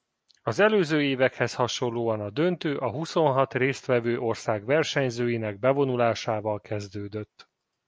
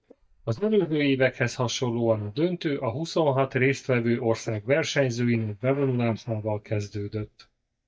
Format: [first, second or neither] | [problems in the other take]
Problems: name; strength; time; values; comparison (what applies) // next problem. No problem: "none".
first | noise reduction (neural mask model DeepFilterNet 3)